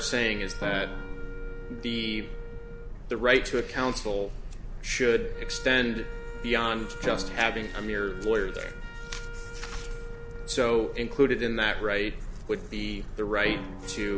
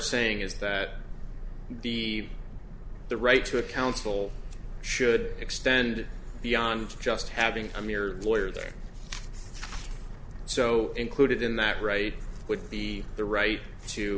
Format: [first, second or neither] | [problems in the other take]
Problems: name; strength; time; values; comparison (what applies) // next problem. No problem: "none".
second | background sound (Drum + Wind instrument, woodwind instrument); 14 dB below the speech